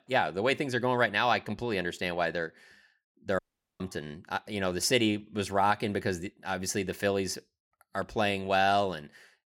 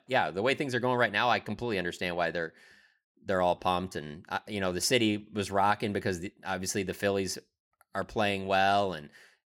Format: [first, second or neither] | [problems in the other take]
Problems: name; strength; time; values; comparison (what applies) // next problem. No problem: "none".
second | audio cutting out; at 3.5 s